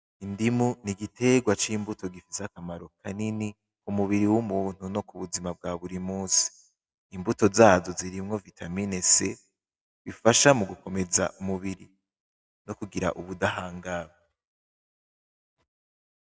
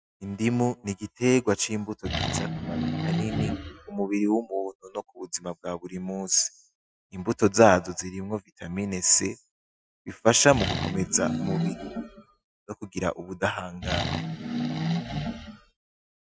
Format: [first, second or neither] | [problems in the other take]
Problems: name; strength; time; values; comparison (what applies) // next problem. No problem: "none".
first | noise reduction (classical method Wiener filter)